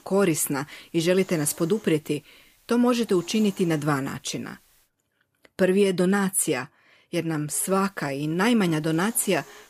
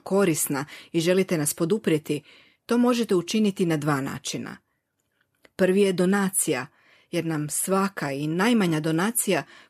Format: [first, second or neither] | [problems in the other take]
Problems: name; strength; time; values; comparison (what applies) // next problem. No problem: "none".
second | hiss; faint; until 5 s and from 7.5 s on; 25 dB below the speech